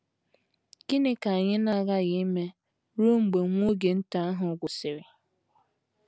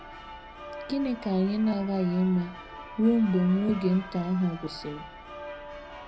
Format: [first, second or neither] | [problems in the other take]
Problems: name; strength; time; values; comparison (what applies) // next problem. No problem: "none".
first | background sound (Church bell); 14 dB below the speech // room echo; dies away in 0.3 s